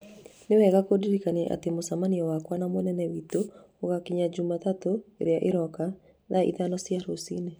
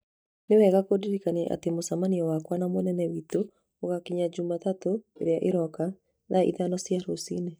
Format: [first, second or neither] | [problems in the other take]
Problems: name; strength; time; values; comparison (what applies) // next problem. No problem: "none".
first | noise reduction (neural mask model DeepFilterNet 3)